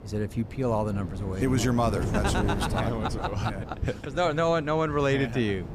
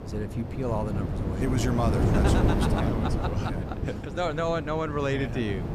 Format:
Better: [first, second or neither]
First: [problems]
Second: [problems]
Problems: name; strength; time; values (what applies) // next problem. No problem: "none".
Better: first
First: wind noise on the microphone; occasional gusts; 15 dB below the speech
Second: wind noise on the microphone; heavy; 4 dB below the speech